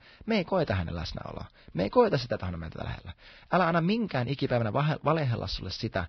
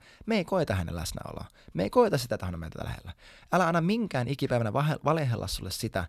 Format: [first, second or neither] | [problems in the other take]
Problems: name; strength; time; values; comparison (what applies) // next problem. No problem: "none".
second | garbled, watery; badly; nothing above 5.5 kHz